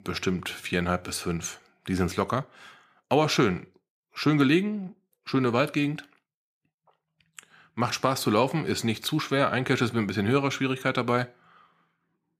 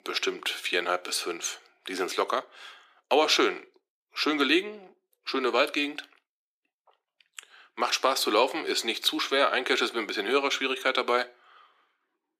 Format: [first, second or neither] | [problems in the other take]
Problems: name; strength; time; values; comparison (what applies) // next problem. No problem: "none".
first | thin; somewhat; fading below 350 Hz